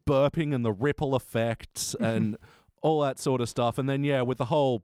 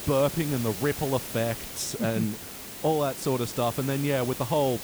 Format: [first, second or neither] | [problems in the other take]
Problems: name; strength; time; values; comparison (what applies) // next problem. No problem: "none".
first | hiss; loud; throughout; 8 dB below the speech